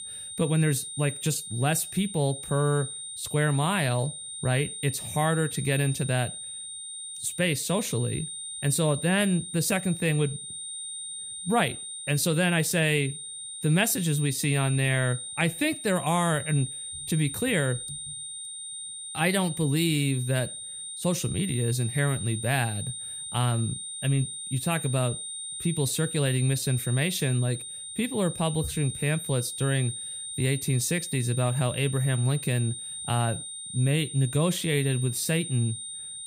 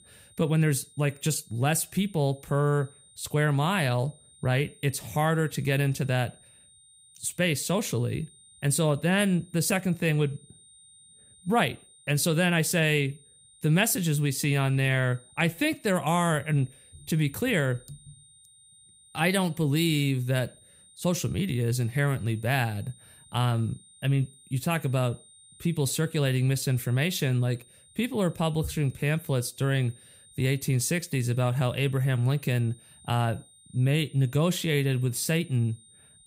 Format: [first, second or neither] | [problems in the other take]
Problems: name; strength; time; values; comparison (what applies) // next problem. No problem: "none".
second | high-pitched whine; loud; throughout; 9 kHz, 8 dB below the speech; faint in the second